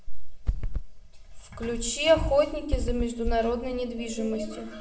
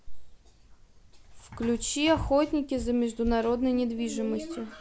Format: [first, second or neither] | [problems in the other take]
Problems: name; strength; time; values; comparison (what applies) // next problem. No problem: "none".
second | background sound (Run); 1 dB below the speech // room echo; dies away in 0.9 s